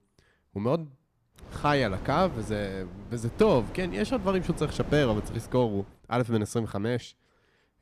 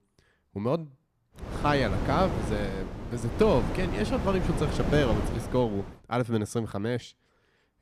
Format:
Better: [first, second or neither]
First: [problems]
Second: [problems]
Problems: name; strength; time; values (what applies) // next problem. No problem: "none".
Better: first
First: wind noise on the microphone; occasional gusts; from 1.5 to 6 s; 15 dB below the speech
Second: wind noise on the microphone; heavy; from 1.5 to 6 s; 7 dB below the speech